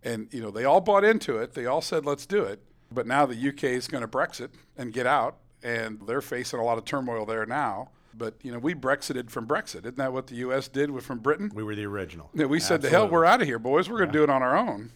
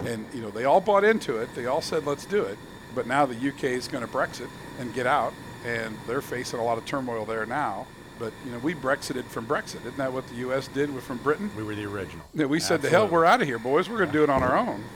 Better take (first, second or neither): first